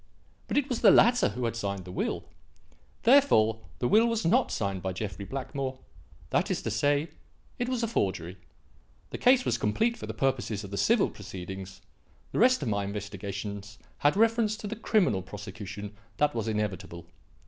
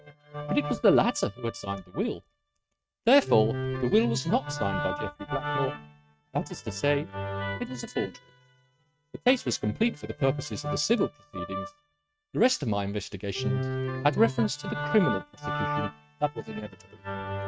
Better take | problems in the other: first | noise reduction (neural mask model RNNoise)

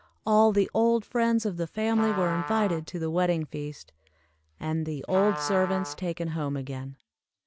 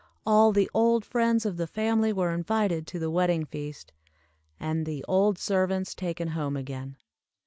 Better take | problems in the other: second | background sound (Trumpet); 12 dB below the speech

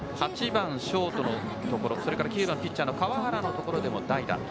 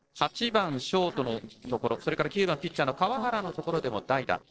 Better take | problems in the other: first | noise reduction (neural separator model SepFormer DNS4)

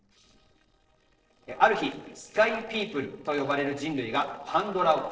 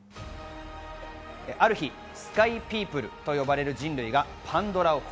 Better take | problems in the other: second | noise reduction (neural separator model SepFormer DNS4)

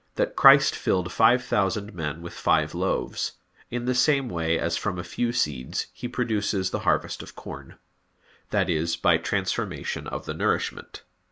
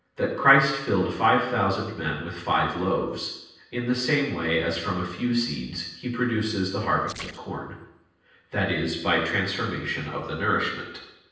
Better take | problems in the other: first | noise reduction (neural separator model SepFormer DNS4)

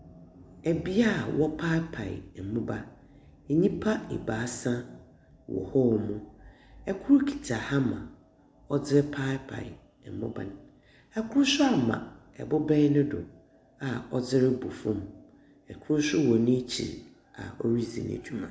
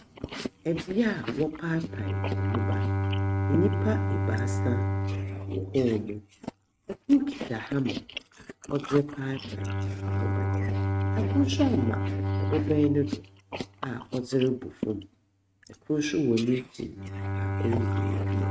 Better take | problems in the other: first | noise reduction (neural mask model RNNoise)

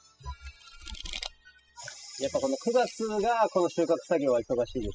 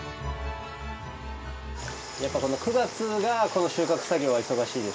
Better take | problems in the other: second | noise reduction (classical method spectral subtraction)

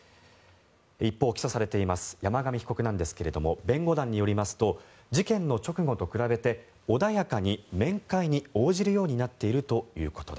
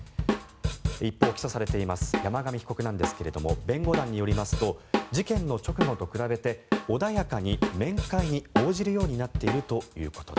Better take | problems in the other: first | background sound (Drum kit); 2 dB below the speech

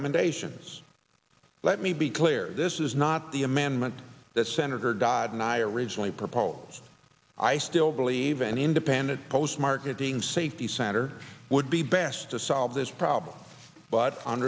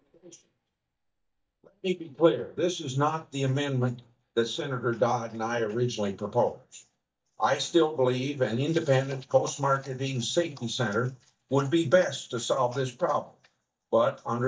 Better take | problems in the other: first | noise reduction (neural mask model DeepFilterNet 3)

